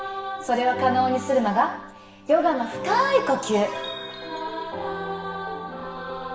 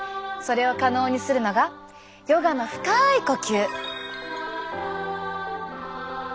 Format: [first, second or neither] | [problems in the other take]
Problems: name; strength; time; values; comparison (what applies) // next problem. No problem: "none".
second | room echo; dies away in 0.8 s